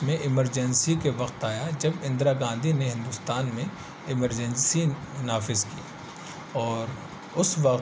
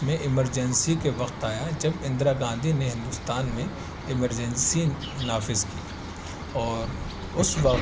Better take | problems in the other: first | background sound (Bird vocalization, bird call, bird song); 9 dB below the speech

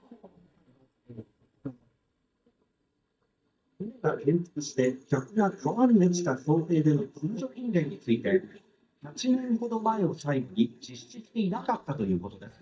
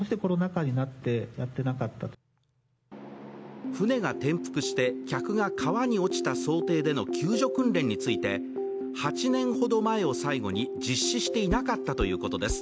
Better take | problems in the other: second | noise reduction (neural mask model DeepFilterNet 3)

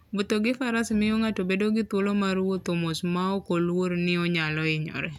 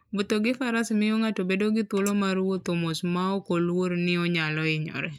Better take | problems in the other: first | noise reduction (neural mask model Resemble Enhance denoiser)

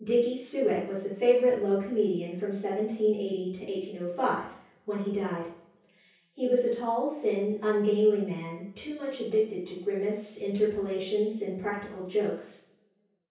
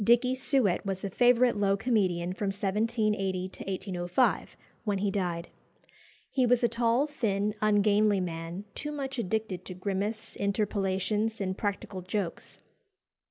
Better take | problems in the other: second | room echo; dies away in 0.6 s

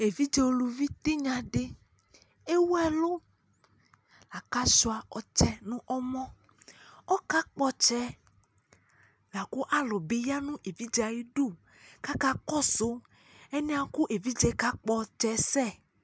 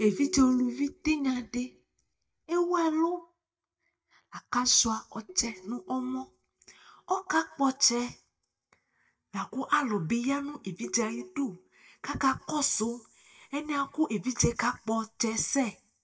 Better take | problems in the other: first | noise reduction (neural mask model DeepFilterNet 3)

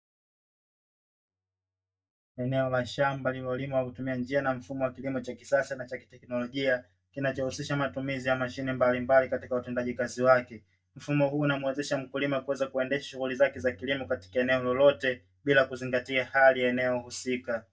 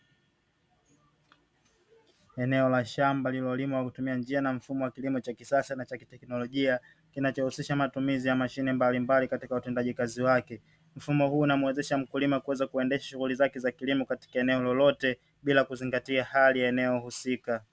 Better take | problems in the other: second | noise reduction (neural mask model DeepFilterNet 3)

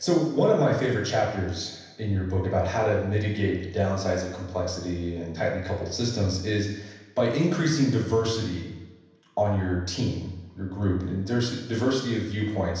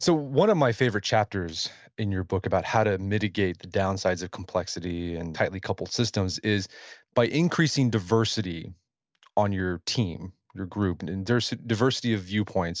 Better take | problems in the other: second | room echo; dies away in 0.9 s

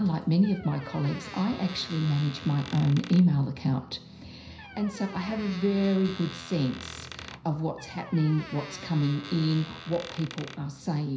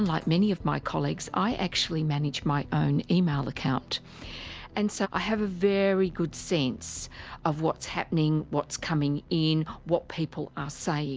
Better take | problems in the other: second | background sound (Squeak); 16 dB below the speech // room echo; dies away in 0.5 s

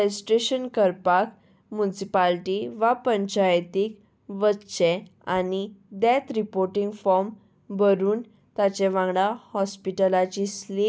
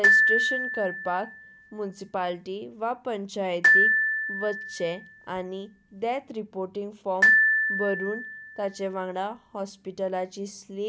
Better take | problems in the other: first | background sound (Glockenspiel); 5 dB above the speech

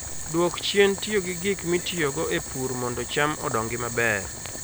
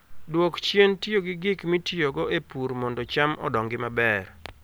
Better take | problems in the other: second | background sound (Boiling); 9 dB below the speech

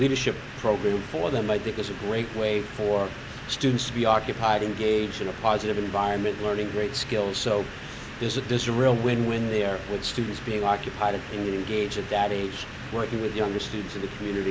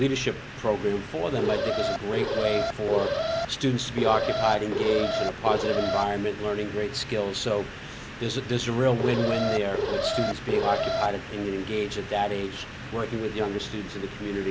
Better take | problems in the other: first | background sound (Alarm); 1 dB below the speech

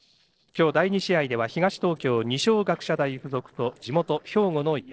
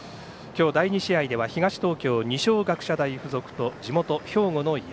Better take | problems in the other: second | noise reduction (neural separator model SepFormer DNS4)

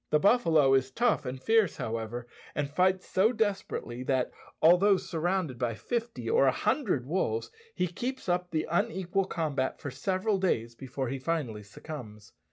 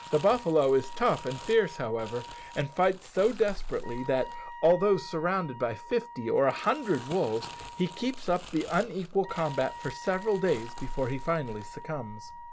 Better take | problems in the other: first | background sound (Crumpling, crinkling + Wind instrument, woodwind instrument); 12 dB below the speech

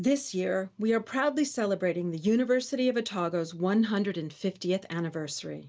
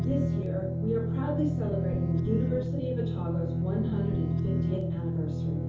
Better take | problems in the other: first | background sound (Guitar); 5 dB above the speech // room echo; dies away in 0.6 s

